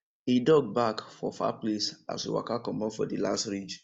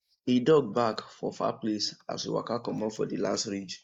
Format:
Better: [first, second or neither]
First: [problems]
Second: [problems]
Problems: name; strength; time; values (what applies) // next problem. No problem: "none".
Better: first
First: none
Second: noise reduction (neural mask model Resemble Enhance denoiser)